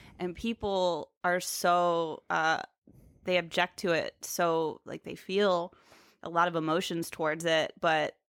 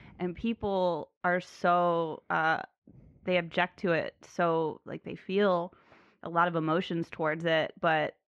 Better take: first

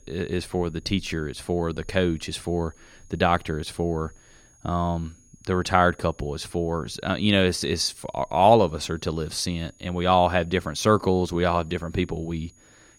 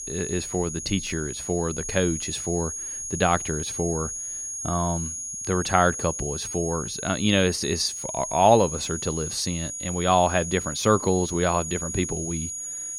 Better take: first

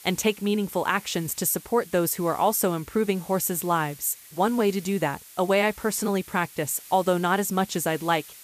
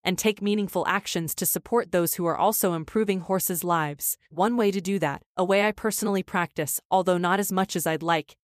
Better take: second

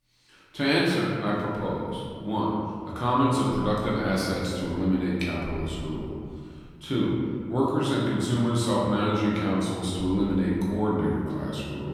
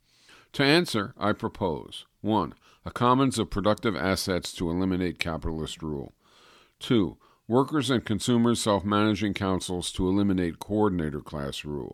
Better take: second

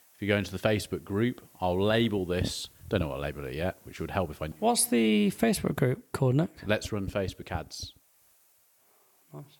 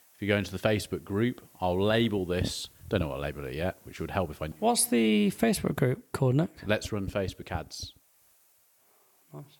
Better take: neither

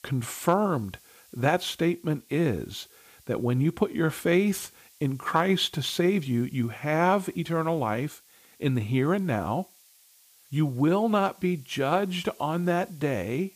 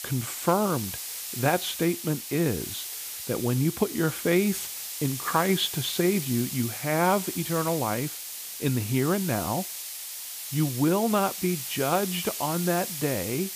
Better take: first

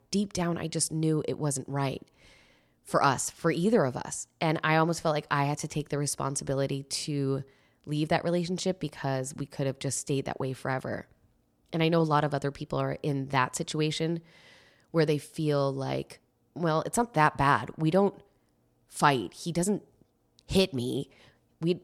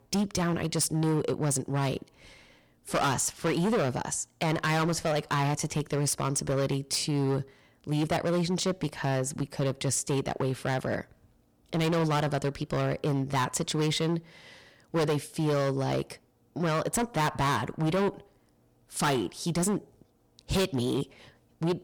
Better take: first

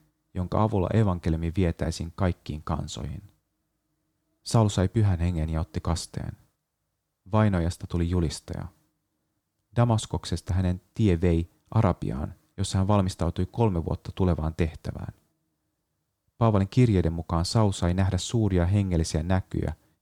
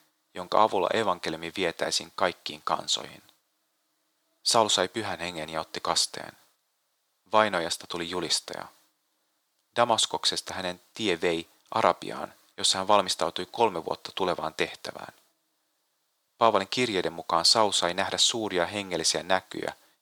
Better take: first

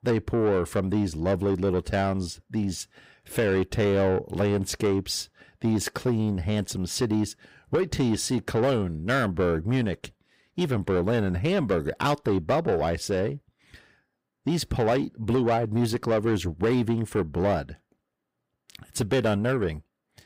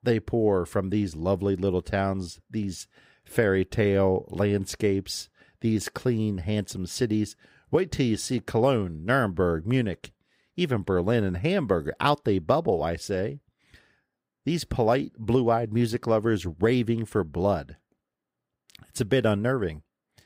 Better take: second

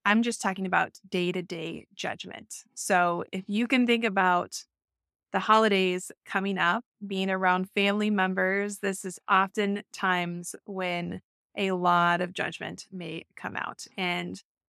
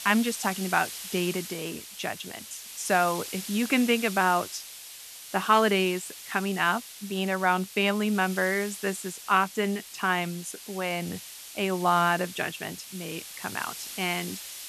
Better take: first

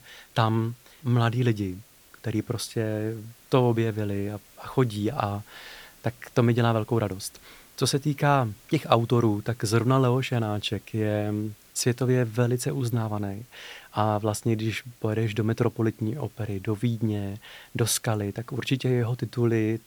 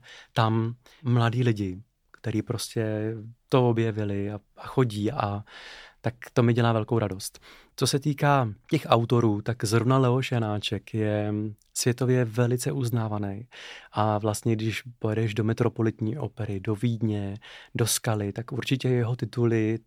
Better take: second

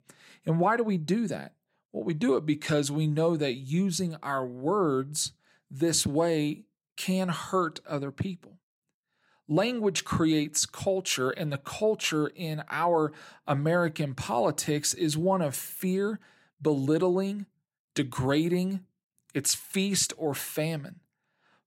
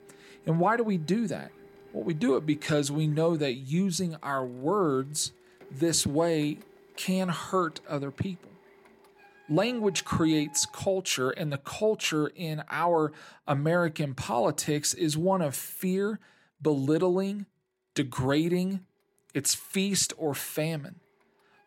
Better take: first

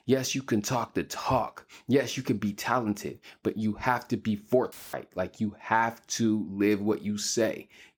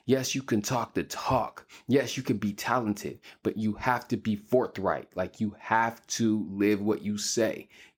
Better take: second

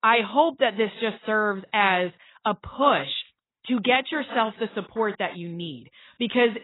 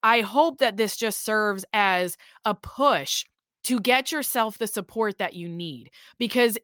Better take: second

